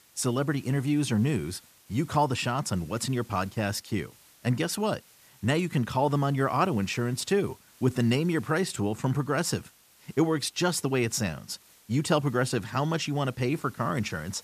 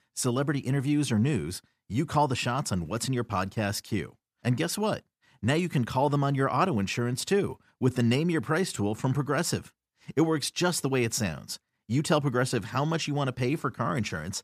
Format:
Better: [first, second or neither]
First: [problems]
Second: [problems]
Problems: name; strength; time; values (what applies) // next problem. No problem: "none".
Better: second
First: hiss; faint; throughout; 25 dB below the speech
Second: none